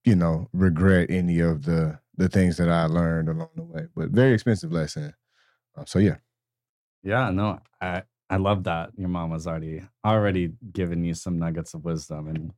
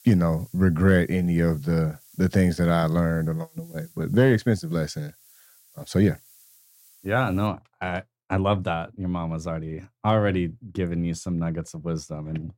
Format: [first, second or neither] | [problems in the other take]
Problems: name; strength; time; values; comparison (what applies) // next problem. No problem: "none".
first | hiss; faint; until 7.5 s; 25 dB below the speech